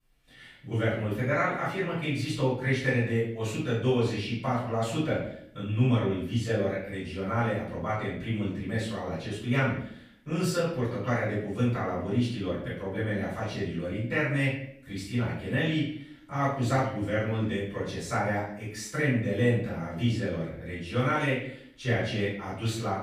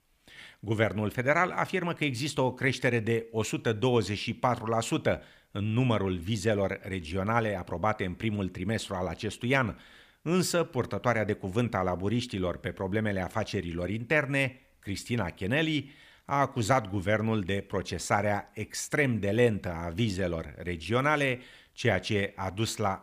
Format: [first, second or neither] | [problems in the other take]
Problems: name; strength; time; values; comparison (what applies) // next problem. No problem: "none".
second | off-mic speech; far // room echo; noticeable; dies away in 0.6 s